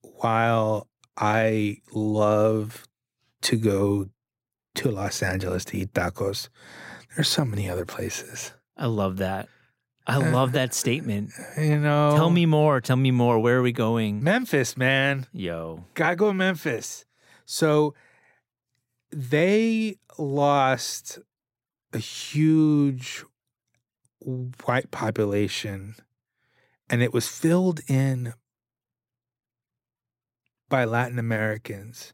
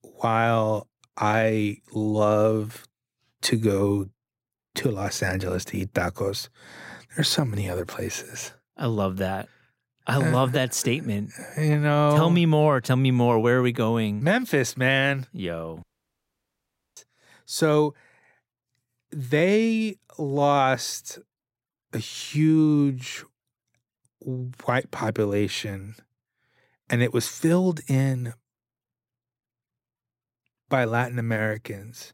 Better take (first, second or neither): first